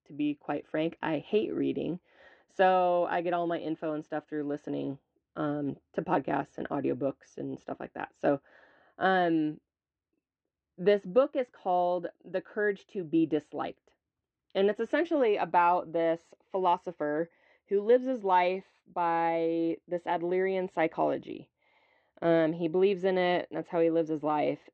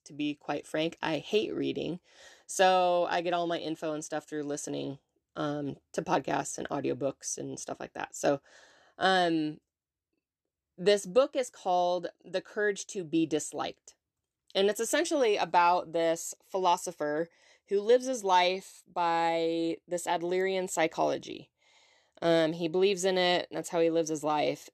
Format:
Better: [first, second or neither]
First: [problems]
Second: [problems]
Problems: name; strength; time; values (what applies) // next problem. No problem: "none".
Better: second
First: muffled; very; fading above 2.5 kHz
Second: none